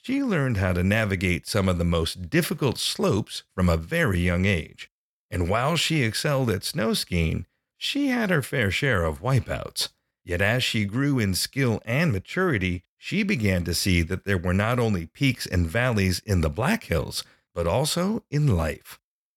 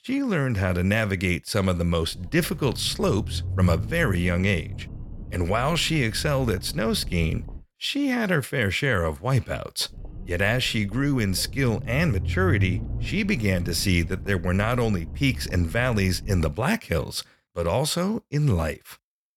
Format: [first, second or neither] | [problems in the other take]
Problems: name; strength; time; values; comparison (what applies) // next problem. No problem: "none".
first | low rumble; faint; from 2 to 7.5 s and from 10 to 17 s; 20 dB below the speech